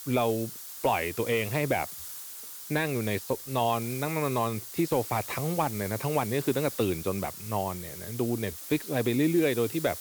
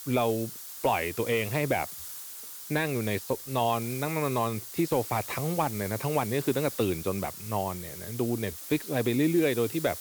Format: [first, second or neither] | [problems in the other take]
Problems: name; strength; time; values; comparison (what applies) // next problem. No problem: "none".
neither | hiss; loud; throughout; 9 dB below the speech; the same in both